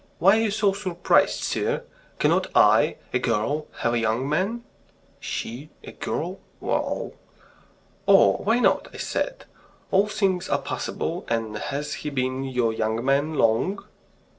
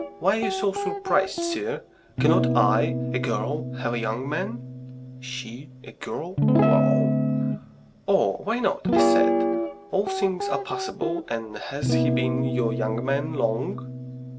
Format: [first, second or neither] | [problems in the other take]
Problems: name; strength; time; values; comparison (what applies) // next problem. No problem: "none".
first | background sound (Guitar); 2 dB above the speech